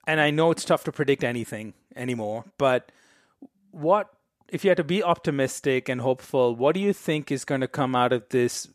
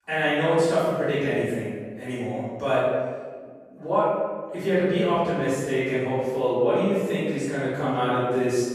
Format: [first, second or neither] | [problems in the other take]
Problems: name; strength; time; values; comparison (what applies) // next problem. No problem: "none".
first | off-mic speech; far // room echo; strong; dies away in 1.4 s